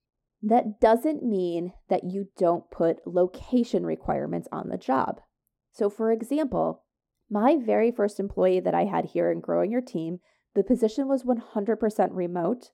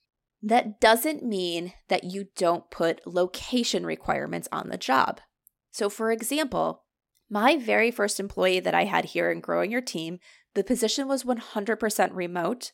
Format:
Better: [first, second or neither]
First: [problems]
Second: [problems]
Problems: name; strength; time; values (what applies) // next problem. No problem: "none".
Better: second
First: muffled; very; fading above 1 kHz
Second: none